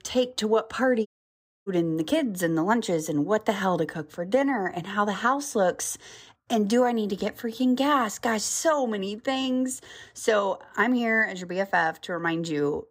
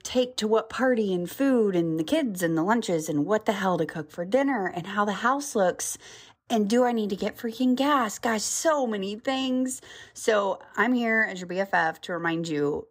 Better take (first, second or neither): second